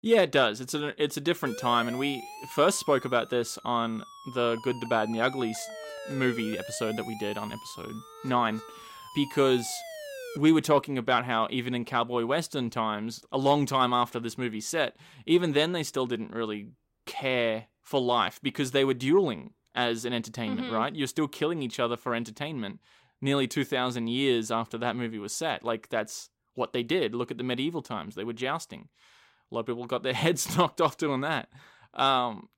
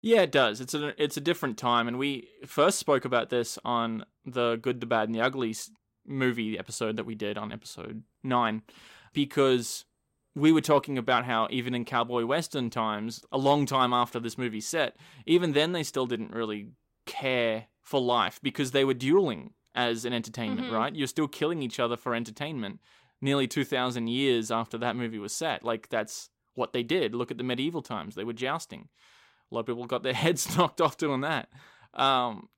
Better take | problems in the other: second | siren; faint; from 1.5 to 10 s; peak 10 dB below the speech

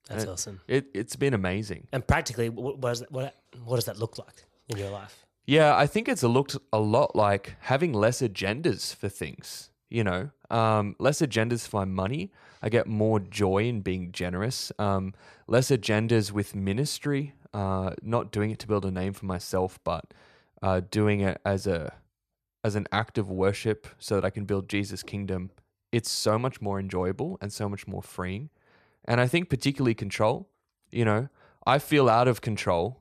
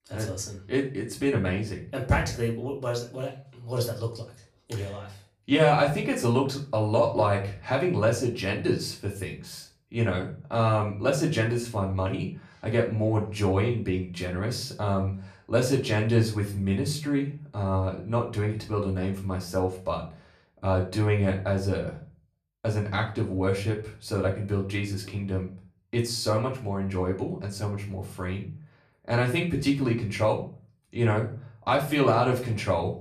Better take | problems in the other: first | room echo; slight; dies away in 0.4 s // off-mic speech; far

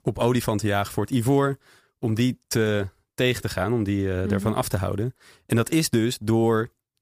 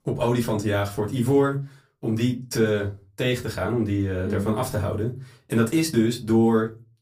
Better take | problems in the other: first | off-mic speech; far // room echo; very slight; dies away in 0.2 s

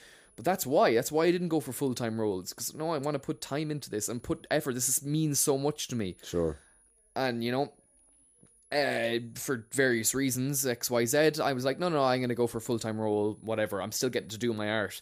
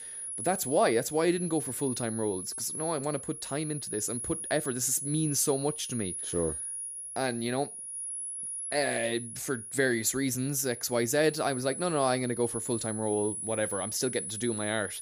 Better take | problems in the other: first | high-pitched whine; loud; throughout; 10.5 kHz, 5 dB below the speech; faint in the first

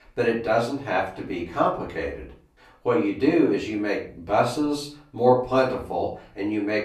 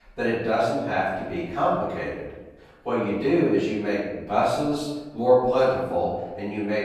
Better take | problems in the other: first | room echo; strong; dies away in 1 s; slight in the first // off-mic speech; far; far in the first

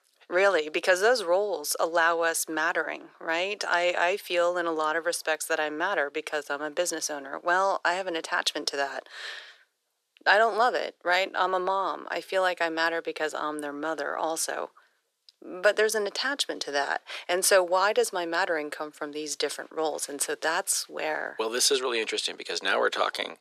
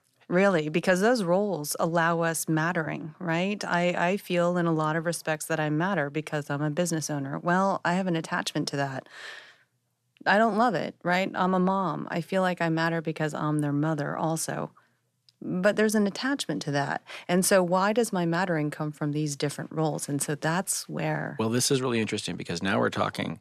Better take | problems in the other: second | thin; very; fading below 400 Hz

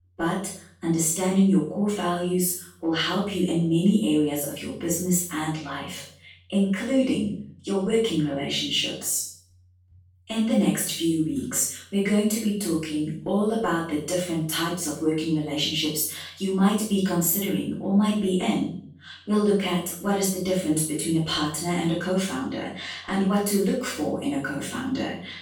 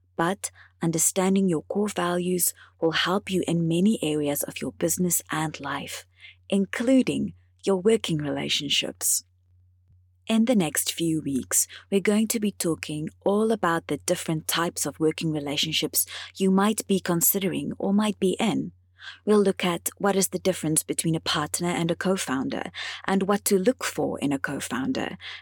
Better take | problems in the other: second | off-mic speech; far // room echo; noticeable; dies away in 0.5 s

